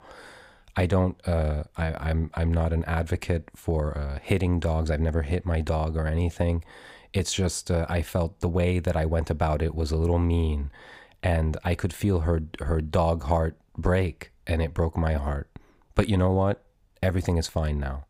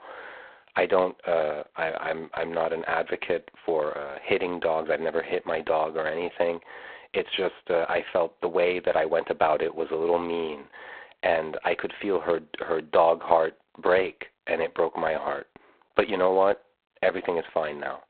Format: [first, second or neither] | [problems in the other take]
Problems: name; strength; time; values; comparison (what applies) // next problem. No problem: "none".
first | phone-call audio; poor line; nothing above 3.5 kHz